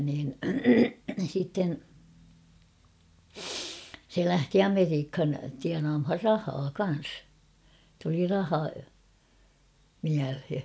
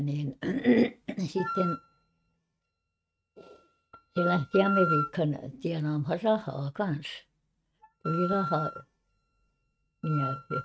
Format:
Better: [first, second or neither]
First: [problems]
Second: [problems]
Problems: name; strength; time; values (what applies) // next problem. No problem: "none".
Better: first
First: none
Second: noise reduction (neural mask model RNNoise)